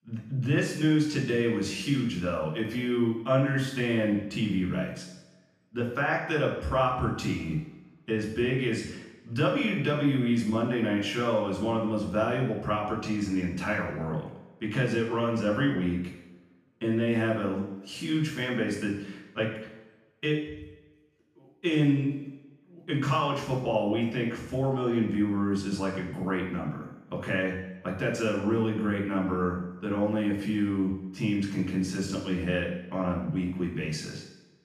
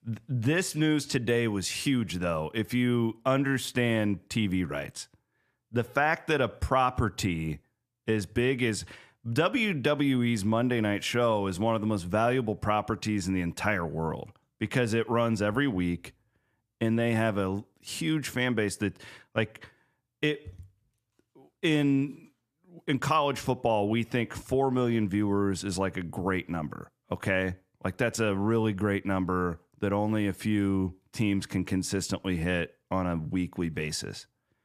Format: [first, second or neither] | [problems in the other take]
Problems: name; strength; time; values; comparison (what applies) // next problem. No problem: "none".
second | room echo; noticeable; dies away in 0.9 s // off-mic speech; far